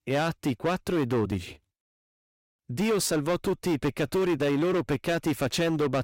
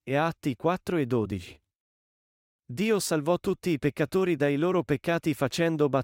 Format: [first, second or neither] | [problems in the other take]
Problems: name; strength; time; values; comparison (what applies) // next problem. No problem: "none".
second | distortion; heavy; 14% of the sound clipped